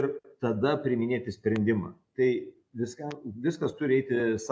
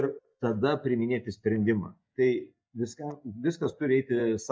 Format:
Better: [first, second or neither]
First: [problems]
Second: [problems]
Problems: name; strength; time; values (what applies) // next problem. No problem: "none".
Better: first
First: none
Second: noise reduction (neural mask model DeepFilterNet 3)